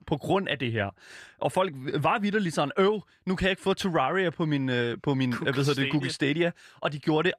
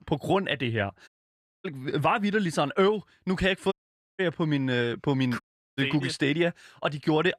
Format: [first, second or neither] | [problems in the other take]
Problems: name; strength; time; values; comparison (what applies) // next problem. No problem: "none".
first | audio cutting out; at 1 s for 0.5 s, at 3.5 s and at 5.5 s